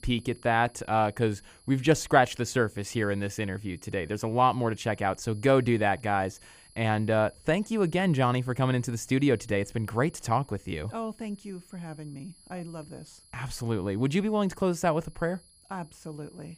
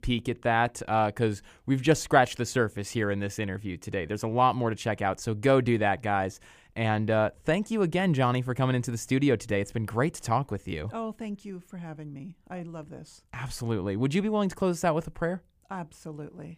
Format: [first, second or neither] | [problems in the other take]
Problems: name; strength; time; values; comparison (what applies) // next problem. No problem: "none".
second | high-pitched whine; faint; throughout; 11 kHz, 30 dB below the speech